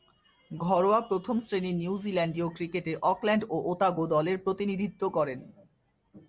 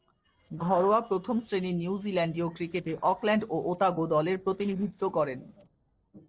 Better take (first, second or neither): first